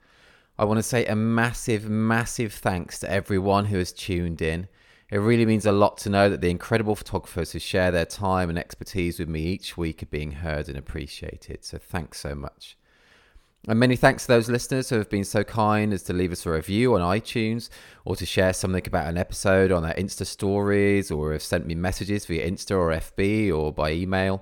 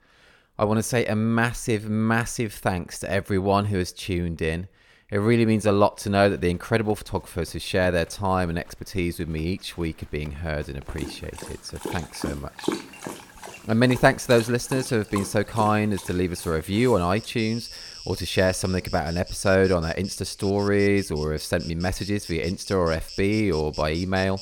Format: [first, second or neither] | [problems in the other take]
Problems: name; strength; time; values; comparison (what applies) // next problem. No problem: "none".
first | animal sounds; noticeable; from 6 s on; 15 dB below the speech